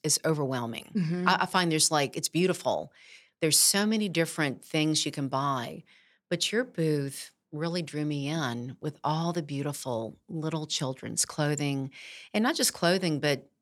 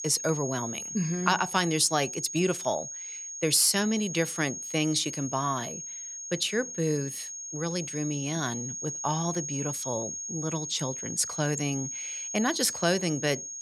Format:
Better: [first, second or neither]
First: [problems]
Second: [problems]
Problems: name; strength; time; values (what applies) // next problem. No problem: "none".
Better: first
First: none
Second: high-pitched whine; loud; throughout; 6.5 kHz, 6 dB below the speech